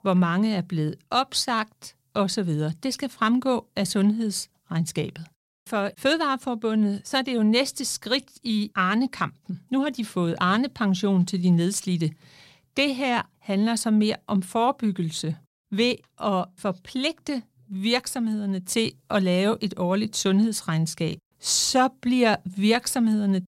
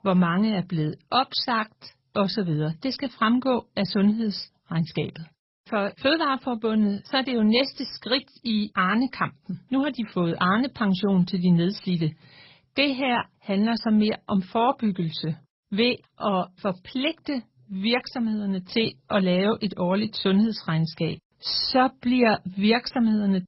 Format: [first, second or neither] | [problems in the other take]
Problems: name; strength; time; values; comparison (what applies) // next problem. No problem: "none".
first | garbled, watery; badly; nothing above 5.5 kHz